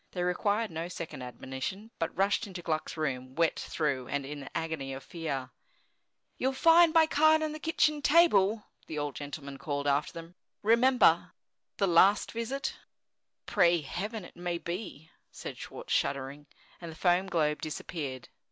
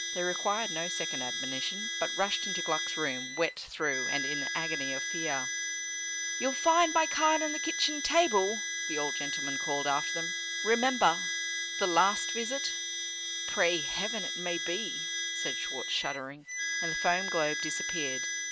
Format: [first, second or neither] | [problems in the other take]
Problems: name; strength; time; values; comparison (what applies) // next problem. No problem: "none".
first | background sound (Harmonica); 2 dB below the speech